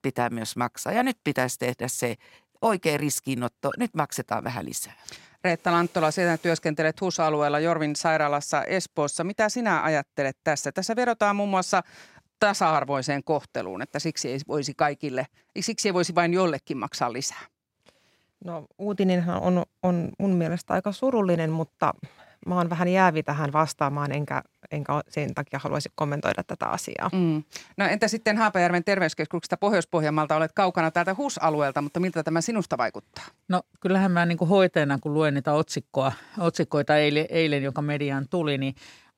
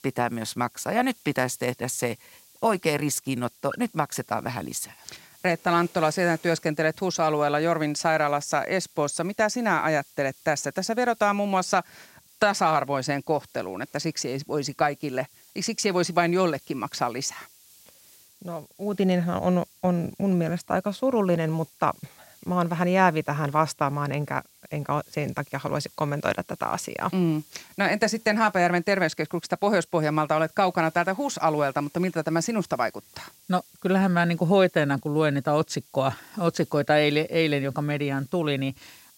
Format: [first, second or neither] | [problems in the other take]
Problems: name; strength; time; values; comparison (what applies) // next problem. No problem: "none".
first | hiss; faint; throughout; 25 dB below the speech